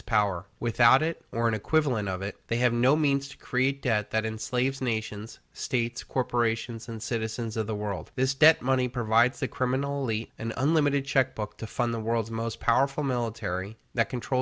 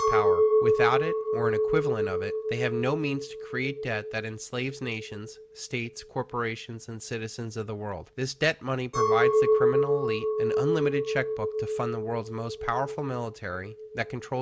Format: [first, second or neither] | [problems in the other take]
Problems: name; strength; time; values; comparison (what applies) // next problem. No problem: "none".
first | background sound (Chink, clink); 3 dB above the speech